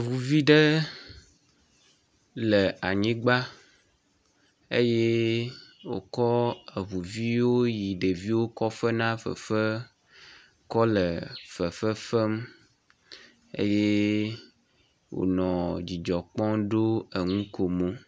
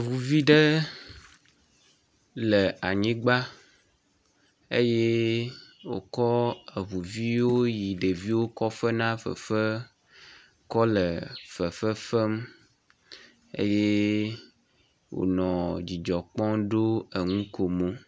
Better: first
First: none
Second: background sound (Water / Splash, splatter); 19 dB below the speech

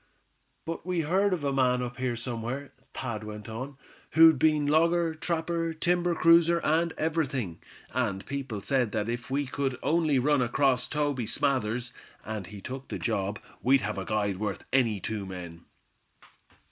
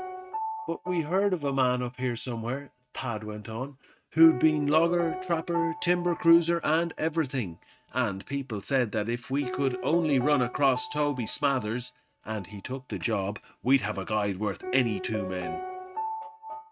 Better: first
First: none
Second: noise reduction (neural mask model RNNoise)

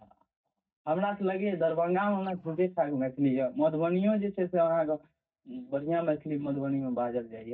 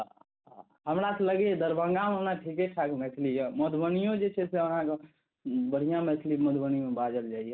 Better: second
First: noise reduction (neural mask model DeepFilterNet 3)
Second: none

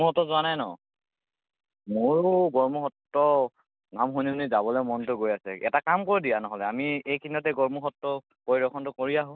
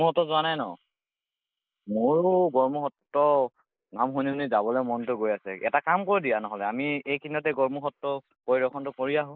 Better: first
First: none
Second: noise reduction (neural mask model Resemble Enhance denoiser)

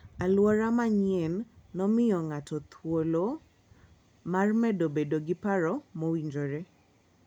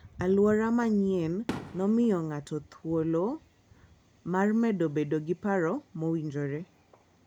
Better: first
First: none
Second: background sound (Fireworks); 20 dB below the speech

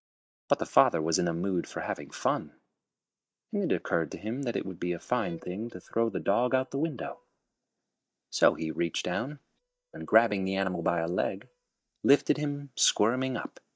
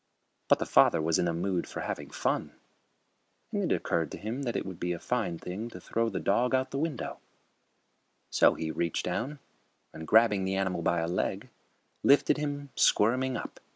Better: second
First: noise reduction (neural mask model DeepFilterNet 3)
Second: none

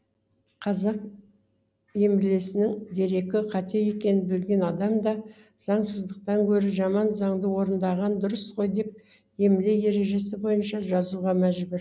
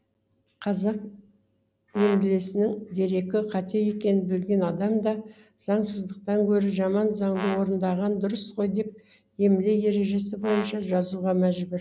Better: first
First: none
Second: background sound (Brass instrument); 14 dB below the speech

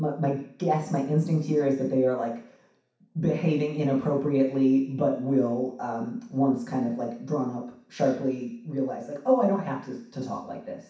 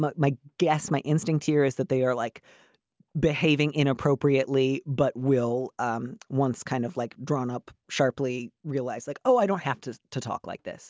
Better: second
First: room echo; dies away in 0.6 s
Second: none

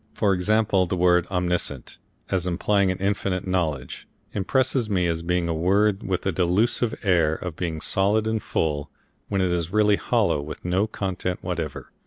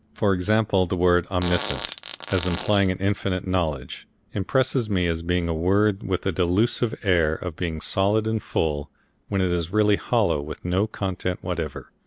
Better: first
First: none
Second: background sound (Fart); 11 dB below the speech

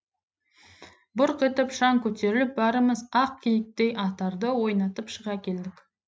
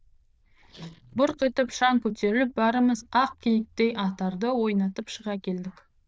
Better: first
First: none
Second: noise reduction (neural diffusion model UNIVERSE++)

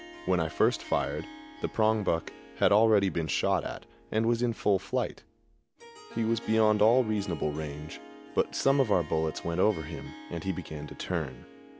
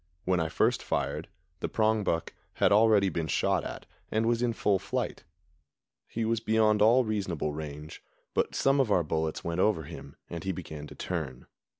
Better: second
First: background sound (Harp); 18 dB below the speech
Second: none

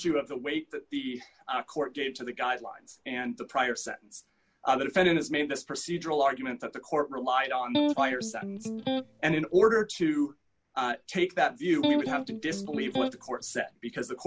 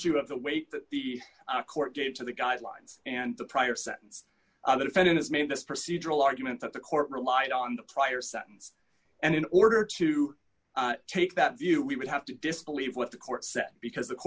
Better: second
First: background sound (Electric guitar); 1 dB below the speech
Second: none

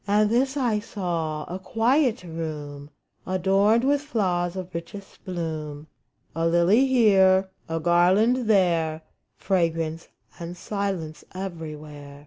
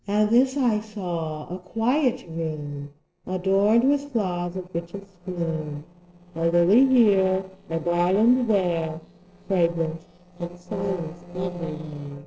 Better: first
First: none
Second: noise reduction (neural separator model SepFormer DNS4)

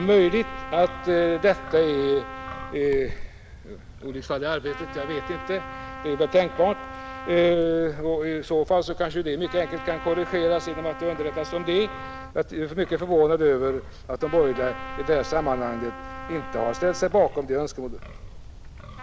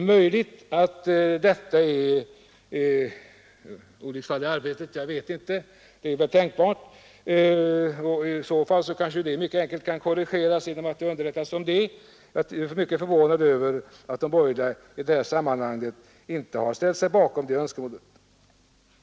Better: second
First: background sound (Trumpet + Wind); 12 dB below the speech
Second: none

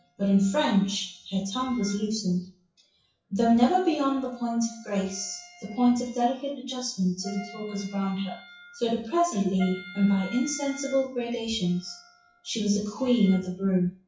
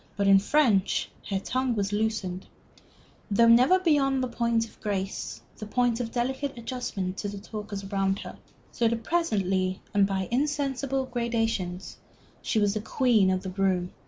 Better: second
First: noise reduction (classical method WPE with log-MMSE)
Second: none

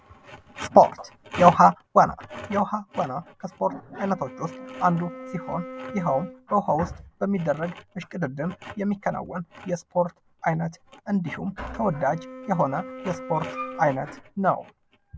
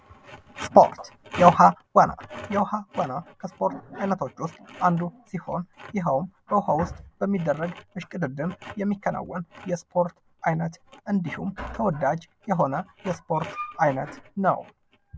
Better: second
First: background sound (Wind instrument, woodwind instrument); 14 dB below the speech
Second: none

